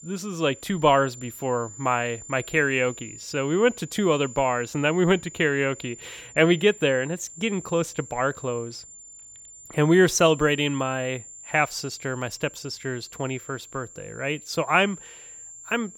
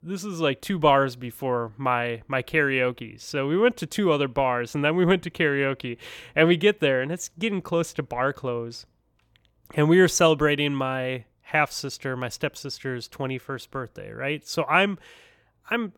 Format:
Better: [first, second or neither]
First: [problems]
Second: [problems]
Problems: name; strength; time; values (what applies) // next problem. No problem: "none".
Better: second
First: high-pitched whine; noticeable; throughout; 7.5 kHz, 15 dB below the speech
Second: none